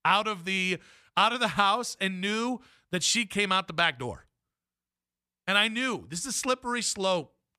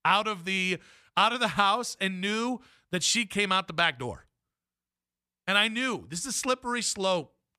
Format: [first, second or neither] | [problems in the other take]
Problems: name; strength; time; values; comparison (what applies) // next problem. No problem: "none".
neither | none